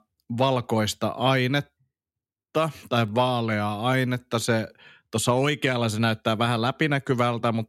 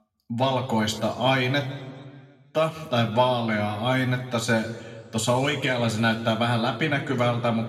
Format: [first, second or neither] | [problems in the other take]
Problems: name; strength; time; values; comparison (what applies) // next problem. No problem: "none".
first | room echo; slight; dies away in 1.4 s